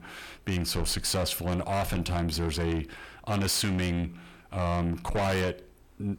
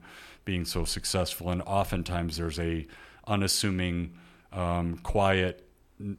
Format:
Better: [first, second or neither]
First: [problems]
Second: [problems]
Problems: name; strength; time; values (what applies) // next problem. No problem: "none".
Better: second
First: distortion; heavy; 7 dB below the speech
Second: none